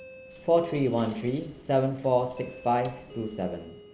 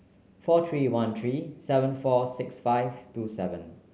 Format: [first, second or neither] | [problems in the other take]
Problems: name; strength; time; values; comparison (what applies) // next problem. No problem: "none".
second | background sound (Coin (dropping) + Doorbell); 18 dB below the speech